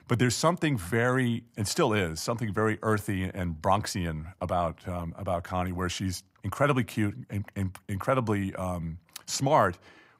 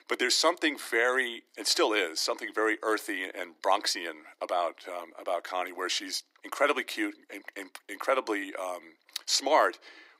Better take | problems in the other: first | thin; very; fading below 300 Hz

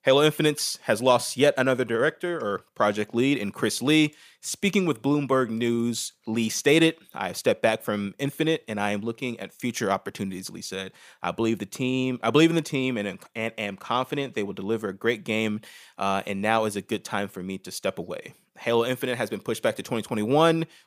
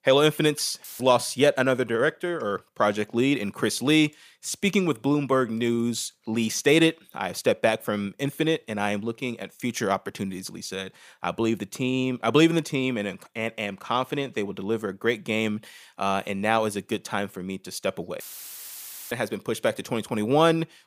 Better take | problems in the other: first | audio cutting out; filled with static; at 1 s and at 18 s for 1 s

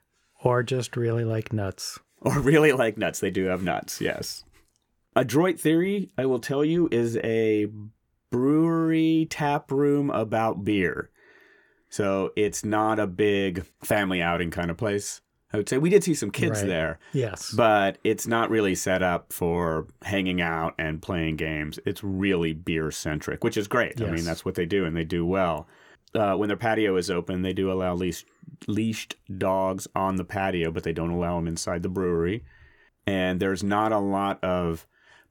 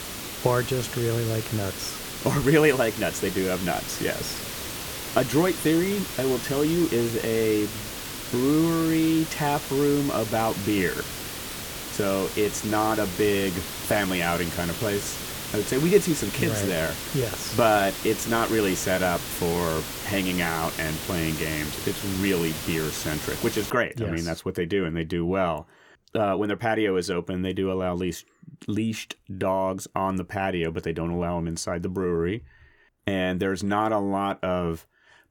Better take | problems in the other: first | hiss; loud; until 24 s; 6 dB below the speech

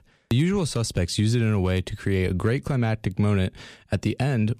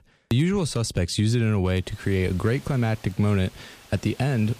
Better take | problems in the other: first | hiss; faint; from 2 s on; 25 dB below the speech

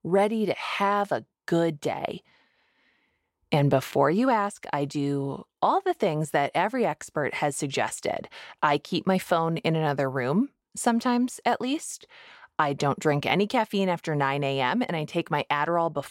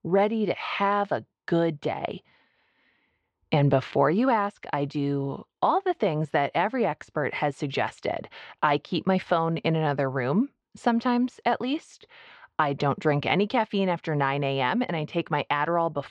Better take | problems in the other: first | muffled; very slightly; fading above 4 kHz

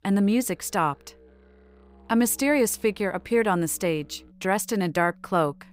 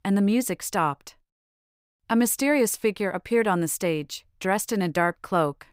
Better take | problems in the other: second | background music; faint; throughout; 30 dB below the speech

